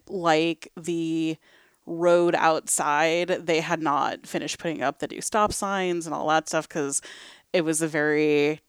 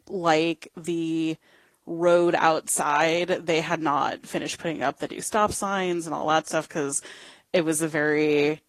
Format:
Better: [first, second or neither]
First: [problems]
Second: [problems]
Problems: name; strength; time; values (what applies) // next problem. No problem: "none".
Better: first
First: none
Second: garbled, watery; slightly